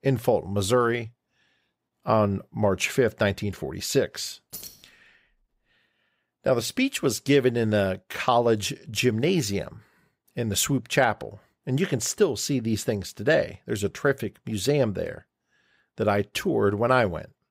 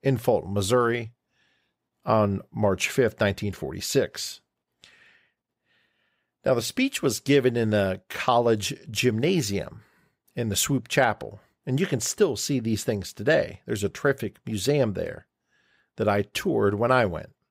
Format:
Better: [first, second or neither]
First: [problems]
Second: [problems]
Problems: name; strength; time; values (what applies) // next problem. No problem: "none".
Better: second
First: jangling keys; faint; at 4.5 s; peak 15 dB below the speech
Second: none